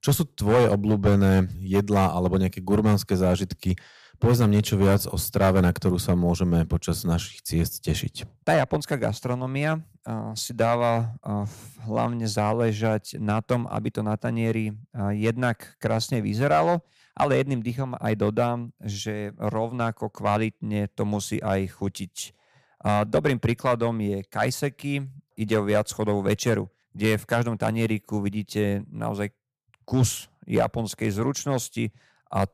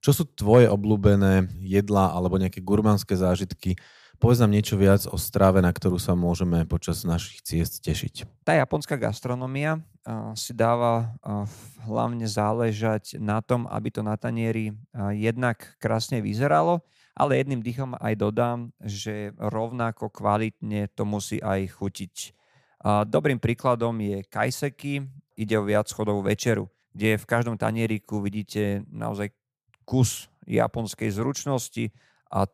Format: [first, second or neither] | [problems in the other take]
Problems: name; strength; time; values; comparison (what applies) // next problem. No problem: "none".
second | distortion; slight; 2% of the sound clipped